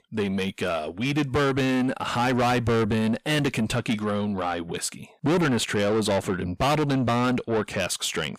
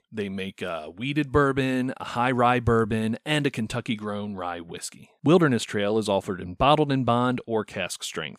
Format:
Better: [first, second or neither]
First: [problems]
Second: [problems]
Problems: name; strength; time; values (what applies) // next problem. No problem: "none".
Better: second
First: distortion; heavy; 6 dB below the speech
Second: none